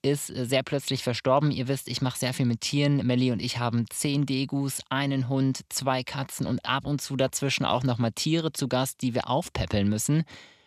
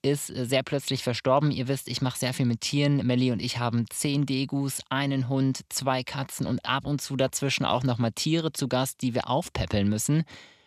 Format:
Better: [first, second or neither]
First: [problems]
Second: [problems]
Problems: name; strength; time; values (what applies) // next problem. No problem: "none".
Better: neither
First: none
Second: none